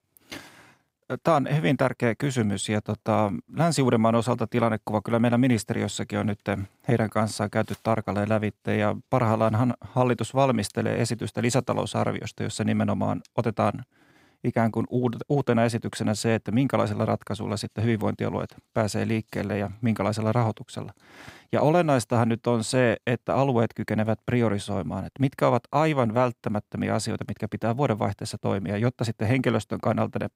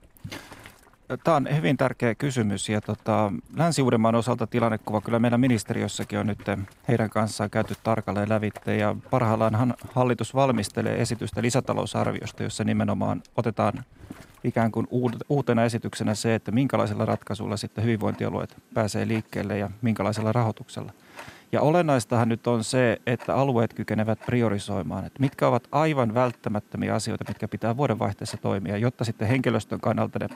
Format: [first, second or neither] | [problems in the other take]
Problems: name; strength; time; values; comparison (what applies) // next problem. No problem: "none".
first | household noises; faint; throughout; 25 dB below the speech